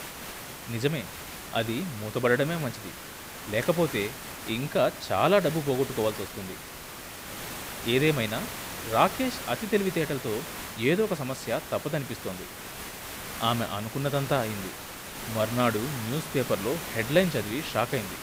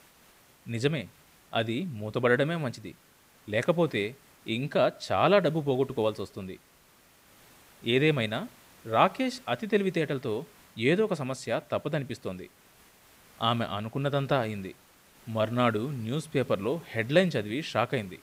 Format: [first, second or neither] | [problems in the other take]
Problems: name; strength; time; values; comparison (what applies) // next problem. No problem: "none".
second | hiss; loud; throughout; 9 dB below the speech; faint in the second